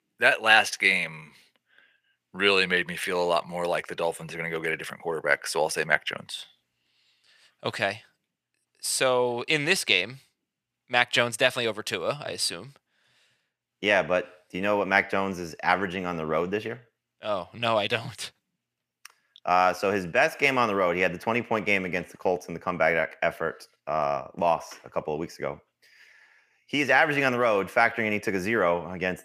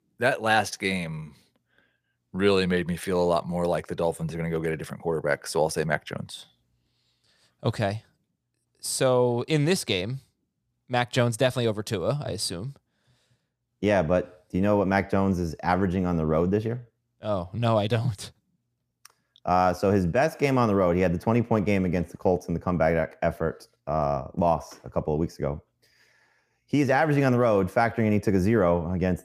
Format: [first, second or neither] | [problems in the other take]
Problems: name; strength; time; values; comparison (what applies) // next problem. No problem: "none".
second | thin; somewhat; fading below 600 Hz